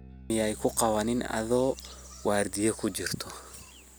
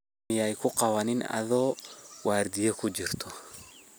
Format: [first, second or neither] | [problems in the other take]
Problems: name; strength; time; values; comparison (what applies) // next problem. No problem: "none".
second | background sound (Bass guitar); 19 dB below the speech